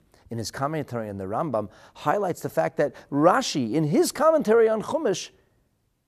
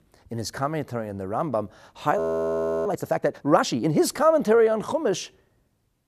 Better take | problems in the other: first | audio freezing; at 2 s for 0.5 s

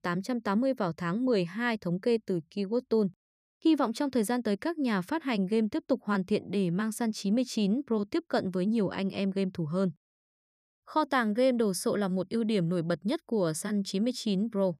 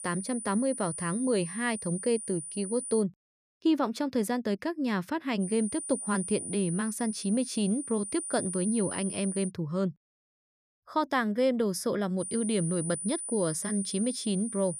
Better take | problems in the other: first | high-pitched whine; loud; until 3 s, from 5.5 to 9.5 s and from 12 s on; 9.5 kHz, 6 dB below the speech

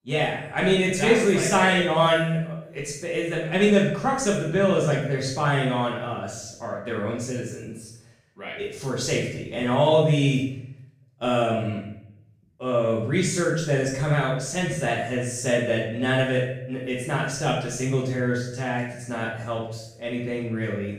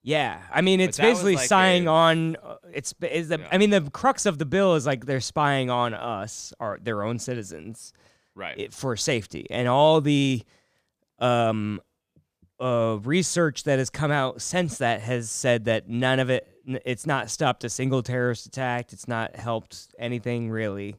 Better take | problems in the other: second | room echo; noticeable; dies away in 0.7 s // off-mic speech; far

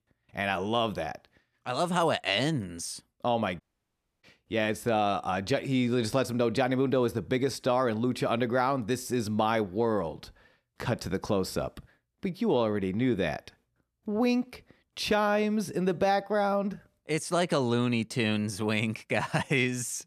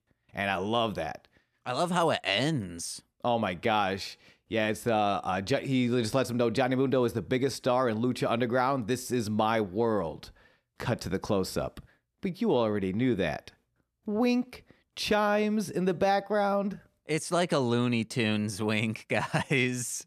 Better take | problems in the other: second | audio cutting out; at 3.5 s for 0.5 s

